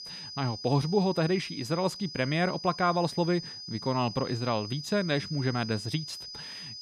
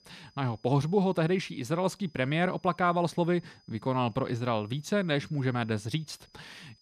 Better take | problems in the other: second | high-pitched whine; loud; throughout; 5 kHz, 10 dB below the speech; faint in the second

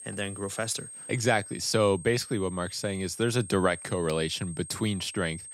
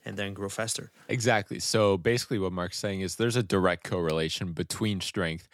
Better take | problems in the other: second | high-pitched whine; noticeable; throughout; 8.5 kHz, 15 dB below the speech

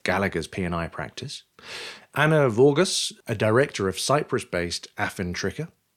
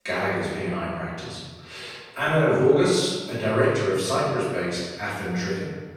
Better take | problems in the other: first | off-mic speech; far // room echo; strong; dies away in 1.2 s

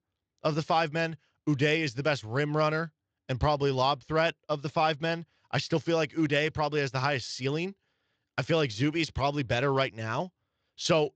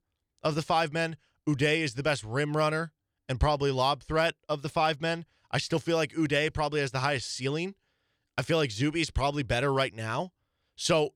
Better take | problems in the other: second | garbled, watery; slightly; nothing above 7.5 kHz

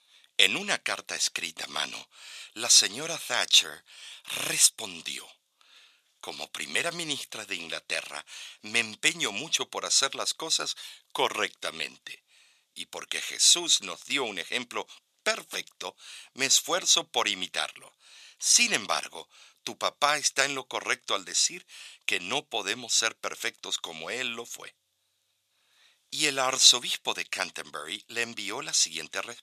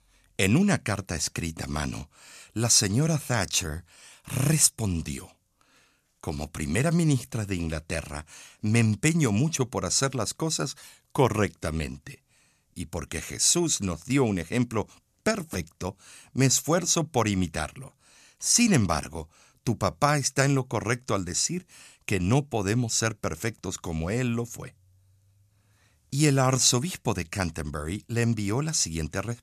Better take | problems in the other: second | thin; very; fading below 550 Hz

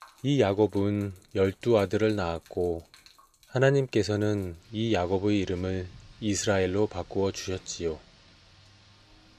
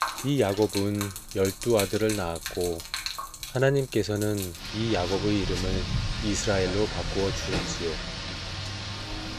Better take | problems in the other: first | rain or running water; loud; throughout; 5 dB below the speech; faint in the first

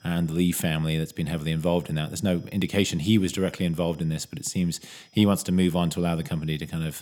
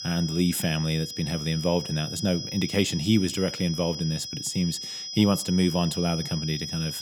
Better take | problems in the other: first | high-pitched whine; loud; throughout; 5 kHz, 7 dB below the speech; faint in the first

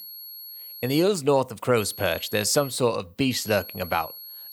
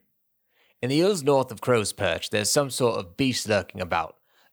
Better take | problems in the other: second | high-pitched whine; noticeable; until 1 s, at 2 s and from 3.5 s on; 11.5 kHz, 15 dB below the speech

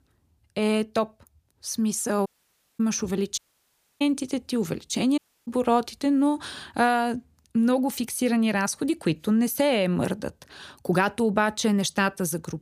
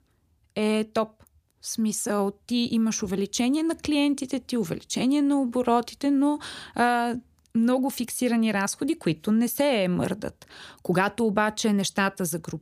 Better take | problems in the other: second | audio cutting out; at 2.5 s for 0.5 s, at 3.5 s for 0.5 s and at 5 s

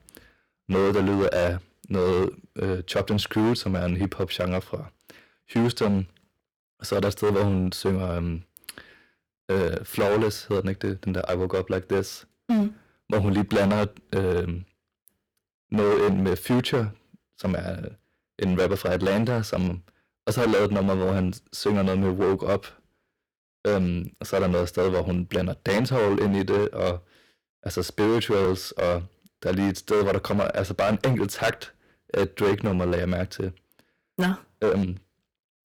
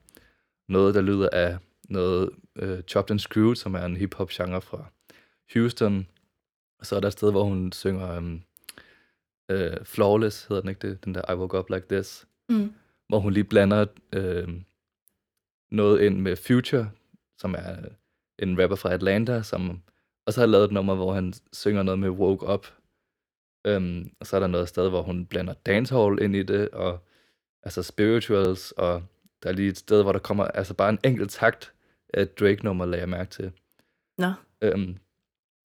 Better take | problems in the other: second | distortion; heavy; 11% of the sound clipped

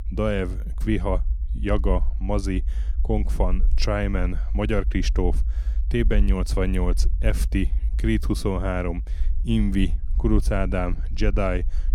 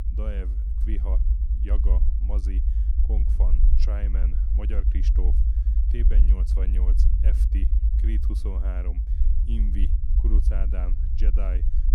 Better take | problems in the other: first | low rumble; loud; throughout; 2 dB below the speech; faint in the first

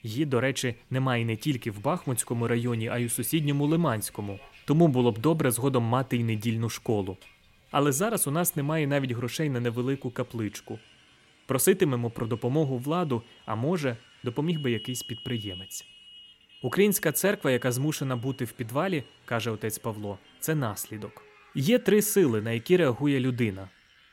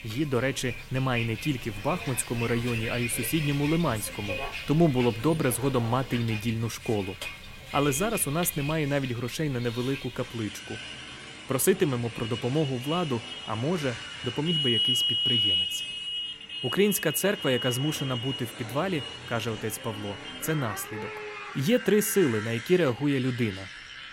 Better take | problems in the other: first | traffic noise; loud; throughout; 4 dB below the speech; faint in the first

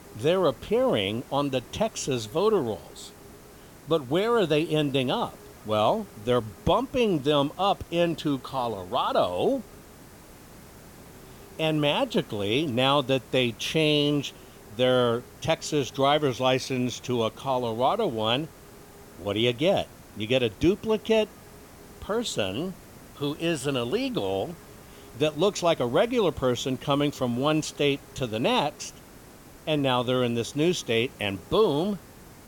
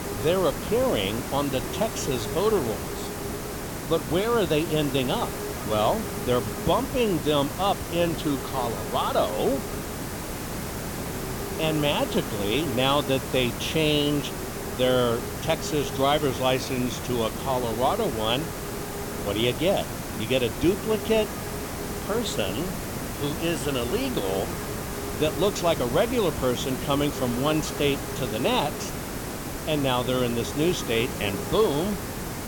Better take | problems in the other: first | hiss; loud; throughout; 6 dB below the speech; faint in the first

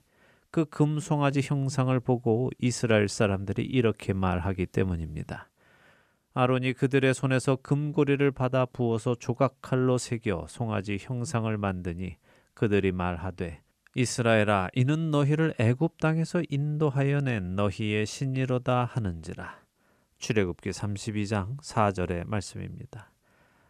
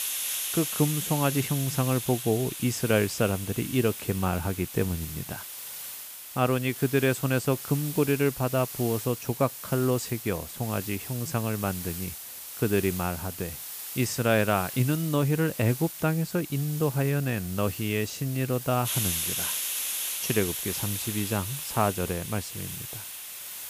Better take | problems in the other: first | hiss; loud; throughout; 6 dB below the speech

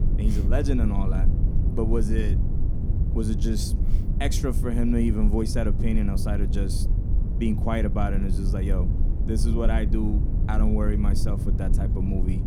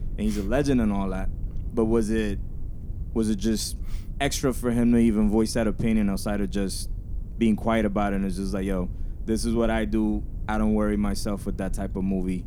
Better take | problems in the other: second | low rumble; loud; throughout; 7 dB below the speech; faint in the second

